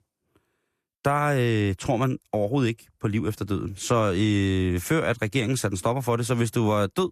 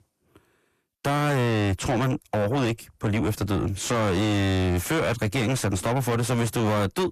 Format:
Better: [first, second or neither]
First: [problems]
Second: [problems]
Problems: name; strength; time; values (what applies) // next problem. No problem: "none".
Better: first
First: none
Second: distortion; heavy; 6 dB below the speech